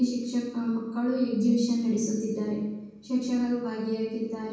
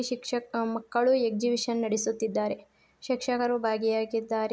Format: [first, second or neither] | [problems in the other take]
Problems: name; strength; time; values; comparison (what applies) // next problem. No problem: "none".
second | room echo; dies away in 1.2 s